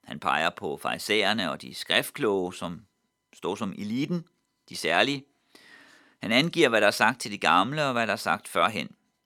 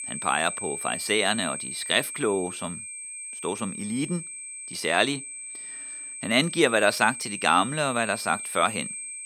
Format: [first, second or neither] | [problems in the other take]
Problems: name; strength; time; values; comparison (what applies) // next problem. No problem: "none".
first | high-pitched whine; loud; throughout; 8 kHz, 8 dB below the speech